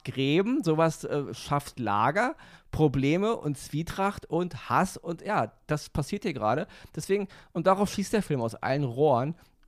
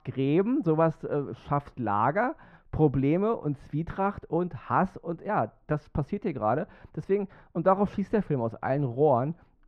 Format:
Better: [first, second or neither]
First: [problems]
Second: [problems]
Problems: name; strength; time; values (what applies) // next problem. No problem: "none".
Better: first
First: none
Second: muffled; very; fading above 3.5 kHz